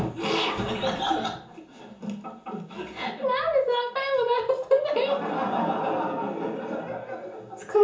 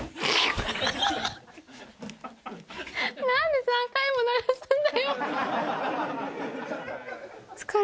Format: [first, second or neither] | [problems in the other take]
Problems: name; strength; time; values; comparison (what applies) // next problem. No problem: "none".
second | room echo; dies away in 0.6 s